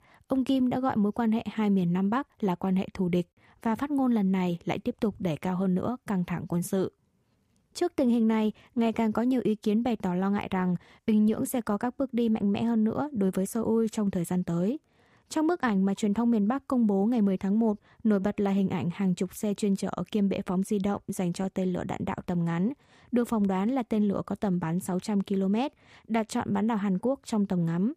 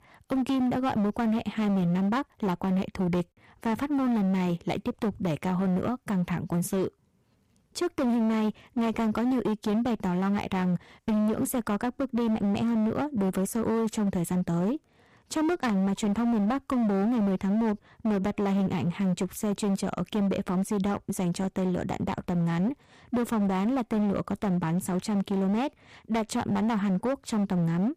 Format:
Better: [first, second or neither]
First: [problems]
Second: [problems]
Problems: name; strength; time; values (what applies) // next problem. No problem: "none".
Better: first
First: none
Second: distortion; slight; 22% of the sound clipped